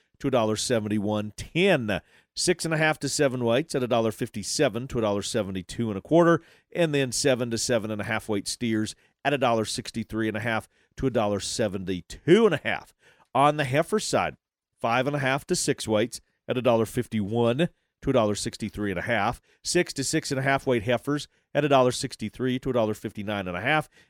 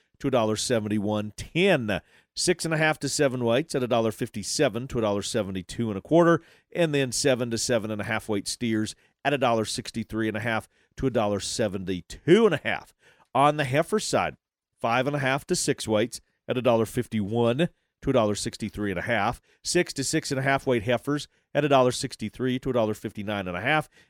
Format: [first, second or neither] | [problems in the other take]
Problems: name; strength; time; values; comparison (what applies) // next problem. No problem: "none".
neither | none